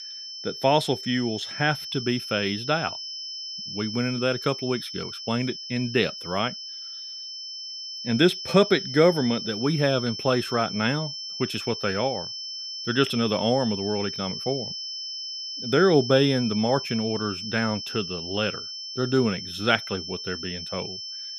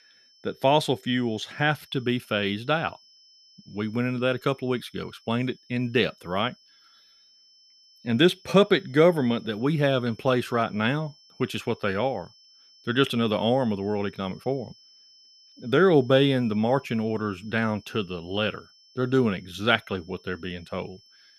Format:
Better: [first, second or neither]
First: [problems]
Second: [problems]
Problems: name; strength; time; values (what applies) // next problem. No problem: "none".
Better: second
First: high-pitched whine; loud; throughout; 5.5 kHz, 7 dB below the speech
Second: high-pitched whine; faint; throughout; 5.5 kHz, 30 dB below the speech